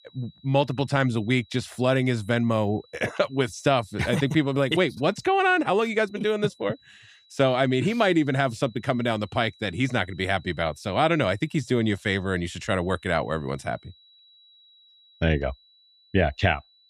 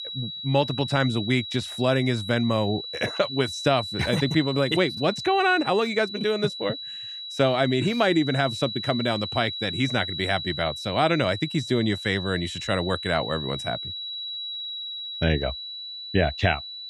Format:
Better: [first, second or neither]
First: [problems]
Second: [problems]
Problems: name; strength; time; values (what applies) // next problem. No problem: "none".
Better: first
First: high-pitched whine; faint; throughout; 4 kHz, 30 dB below the speech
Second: high-pitched whine; loud; throughout; 4 kHz, 7 dB below the speech